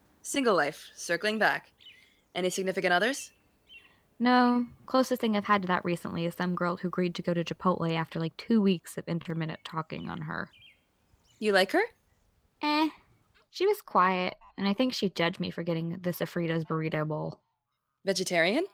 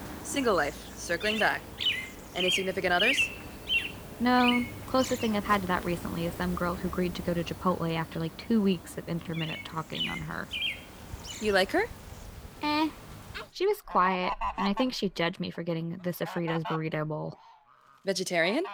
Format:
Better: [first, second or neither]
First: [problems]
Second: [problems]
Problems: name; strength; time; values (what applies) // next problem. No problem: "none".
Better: first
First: animal sounds; faint; throughout; 30 dB below the speech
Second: animal sounds; loud; throughout; 4 dB below the speech